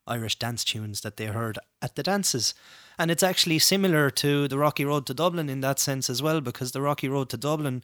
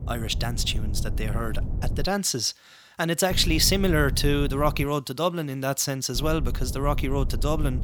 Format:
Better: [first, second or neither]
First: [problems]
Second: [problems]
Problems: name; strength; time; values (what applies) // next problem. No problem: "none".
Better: first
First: none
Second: low rumble; noticeable; until 2 s, from 3.5 to 5 s and from 6 s on; 20 dB below the speech